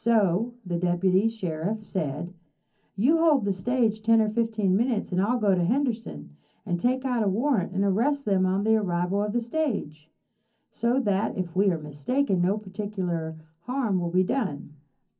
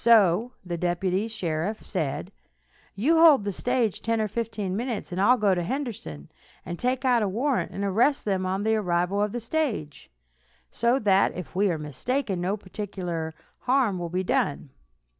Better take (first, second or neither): second